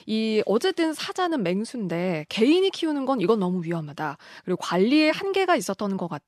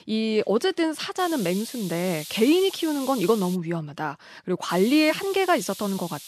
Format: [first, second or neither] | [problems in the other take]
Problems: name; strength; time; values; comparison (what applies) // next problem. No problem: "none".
first | hiss; noticeable; from 1 to 3.5 s and from 4.5 s on; 15 dB below the speech